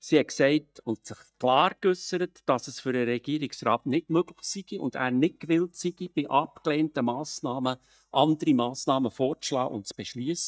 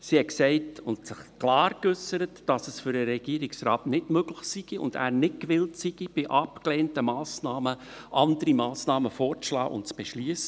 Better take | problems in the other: second | noise reduction (neural mask model DeepFilterNet 3)

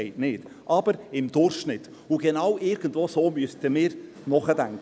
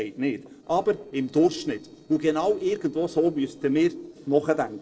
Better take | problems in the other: first | noise reduction (neural separator model SepFormer DNS4)

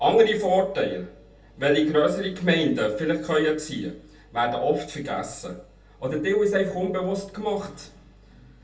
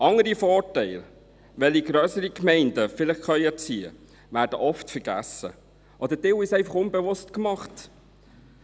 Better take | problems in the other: second | room echo; dies away in 0.3 s

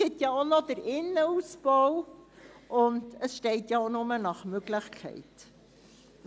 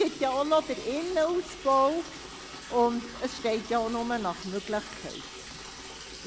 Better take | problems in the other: first | background sound (Liquid); 13 dB below the speech

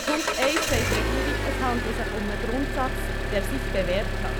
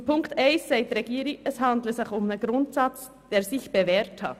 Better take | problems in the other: second | background sound (Engine); 3 dB above the speech

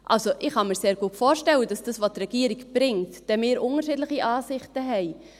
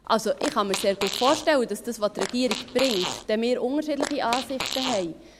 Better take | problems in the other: first | background sound (Fart); 8 dB below the speech

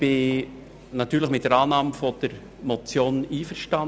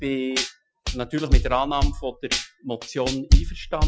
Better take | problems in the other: first | noise reduction (classical method Wiener filter)

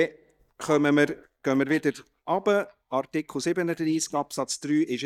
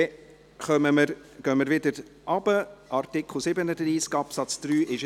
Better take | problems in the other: second | noise reduction (neural mask model DeepFilterNet 3)

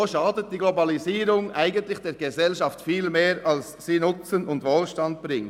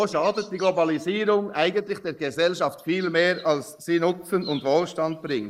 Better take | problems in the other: first | noise reduction (neural mask model Resemble Enhance denoiser)

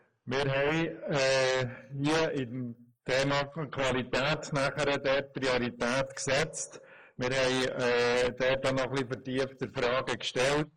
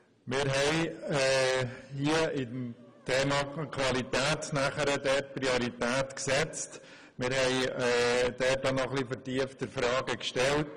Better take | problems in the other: second | noise reduction (neural mask model Resemble Enhance denoiser)

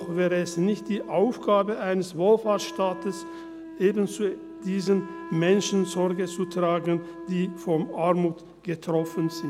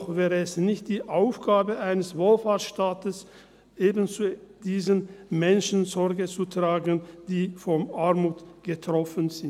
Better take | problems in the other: second | background sound (Wind instrument, woodwind instrument); 14 dB below the speech

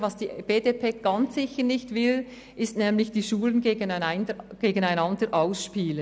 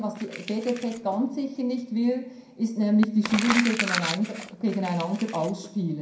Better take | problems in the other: first | background sound (Crumpling, crinkling); 9 dB below the speech // room echo; dies away in 0.5 s

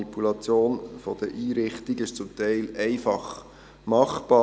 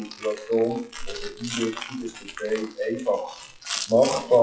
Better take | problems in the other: first | noise reduction (classical method WPE with log-MMSE)

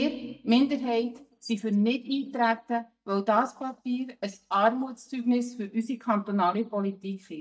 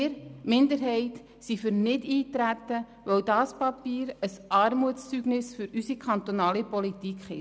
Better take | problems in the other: second | noise reduction (neural mask model DeepFilterNet 3)

